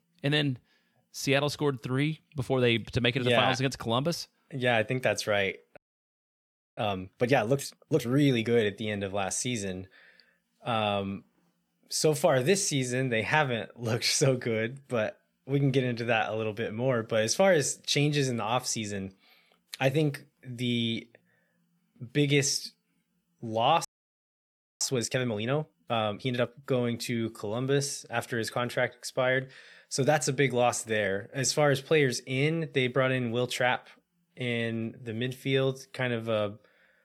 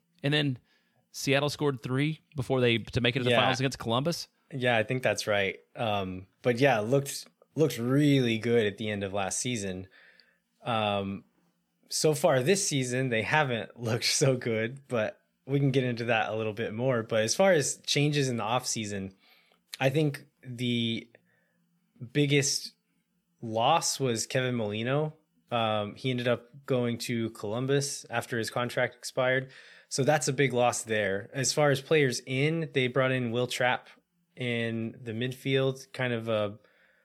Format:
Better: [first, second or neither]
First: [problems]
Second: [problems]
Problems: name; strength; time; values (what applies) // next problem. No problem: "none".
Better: second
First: audio freezing; at 6 s for 1 s and at 24 s for 1 s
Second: none